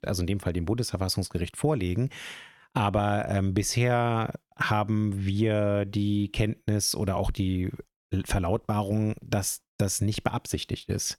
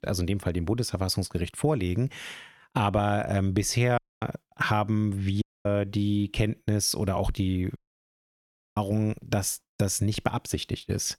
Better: first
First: none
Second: audio cutting out; at 4 s, at 5.5 s and at 8 s for 1 s

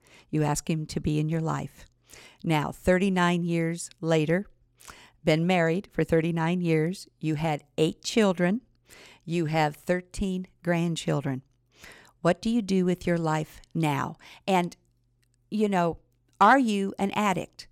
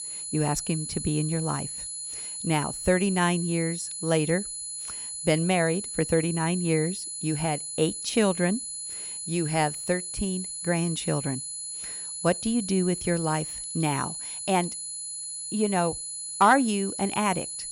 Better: first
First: none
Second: high-pitched whine; loud; throughout; 10 kHz, 5 dB below the speech

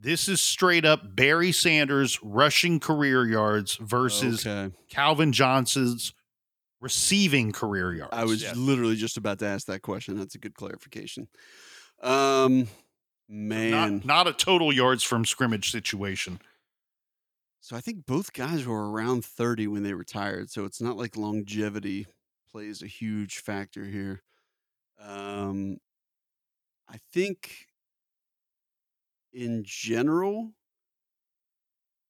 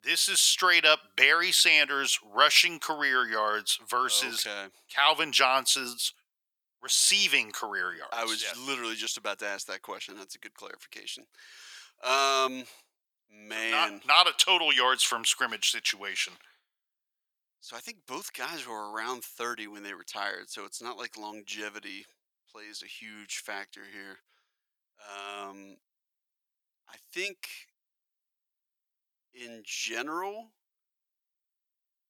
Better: first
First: none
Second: thin; very; fading below 750 Hz

